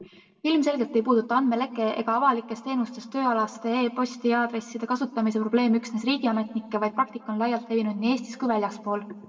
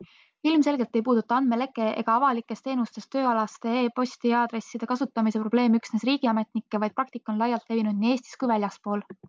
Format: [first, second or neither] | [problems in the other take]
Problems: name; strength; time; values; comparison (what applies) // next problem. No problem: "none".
second | room echo; dies away in 0.9 s